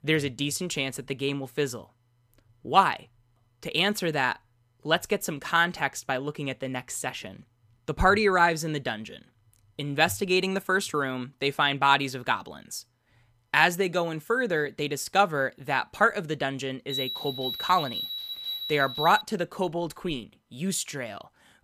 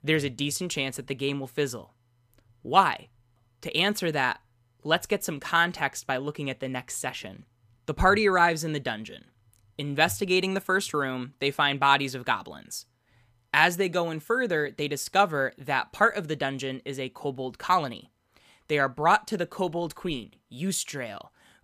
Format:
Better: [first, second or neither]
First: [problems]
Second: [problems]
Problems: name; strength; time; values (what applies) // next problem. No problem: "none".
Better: second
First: alarm; noticeable; from 17 to 19 s; peak 4 dB below the speech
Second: none